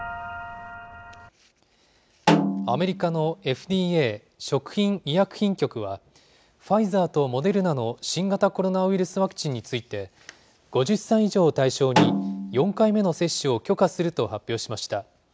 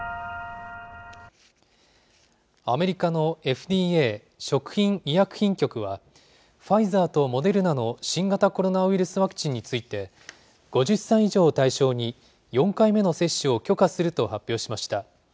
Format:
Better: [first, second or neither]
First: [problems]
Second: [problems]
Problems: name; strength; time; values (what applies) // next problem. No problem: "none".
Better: second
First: background sound (Snare drum); 2 dB below the speech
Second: none